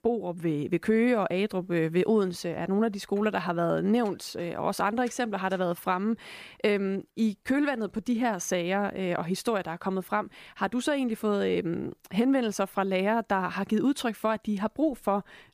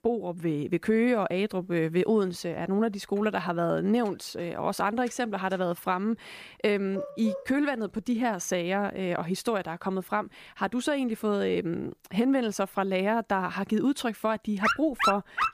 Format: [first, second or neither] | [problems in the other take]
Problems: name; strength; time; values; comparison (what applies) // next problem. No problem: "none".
first | dog barking; noticeable; at 7 s; peak 8 dB below the speech // dog barking; loud; at 15 s; peak 2 dB above the speech